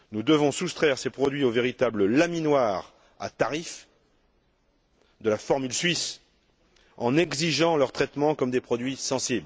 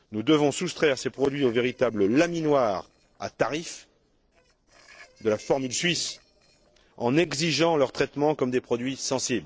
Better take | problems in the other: first | noise reduction (neural separator model SepFormer DNS4)

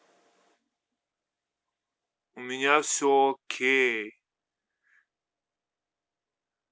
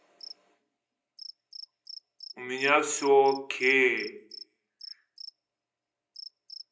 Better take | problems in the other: first | background sound (Cricket); 18 dB below the speech // room echo; dies away in 0.5 s

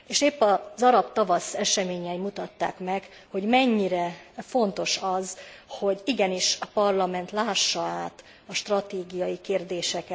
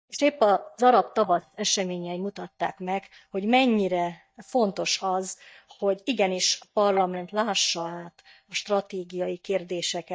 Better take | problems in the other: first | noise reduction (neural mask model DeepFilterNet 3)

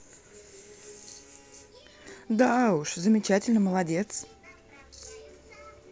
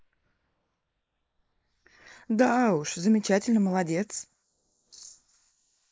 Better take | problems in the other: first | noise reduction (neural mask model Resemble Enhance denoiser)

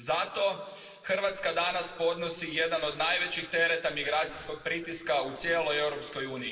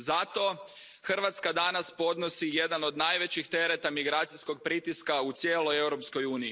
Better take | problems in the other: second | noise reduction (neural separator model SepFormer DNS4)

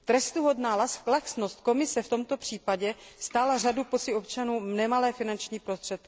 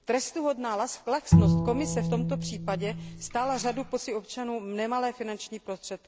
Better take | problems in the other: first | background sound (Bowed string instrument); 5 dB above the speech

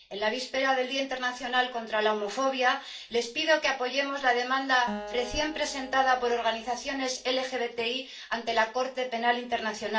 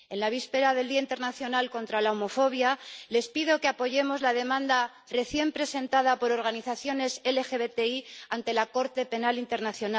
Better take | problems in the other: second | background sound (Acoustic guitar); 15 dB below the speech // room echo; dies away in 0.3 s

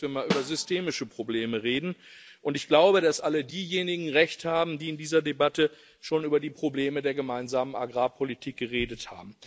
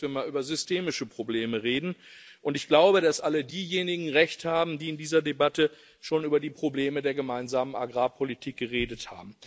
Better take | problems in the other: second | background sound (Snare drum); 7 dB below the speech

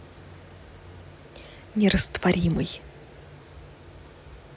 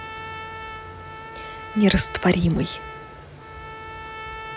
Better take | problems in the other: first | background sound (Trumpet); 11 dB below the speech

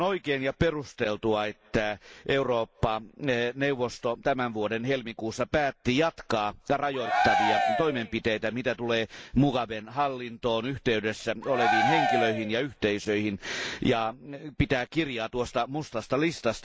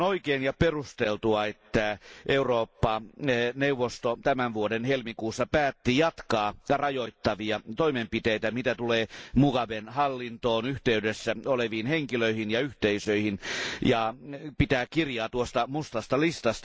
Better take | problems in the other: second | background sound (Cheering); 1 dB above the speech

